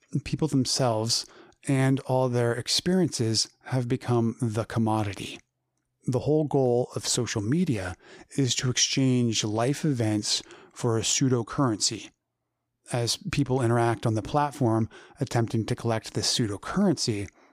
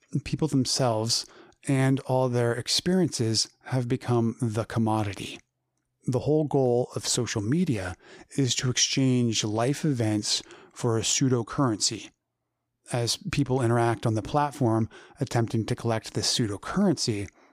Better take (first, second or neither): neither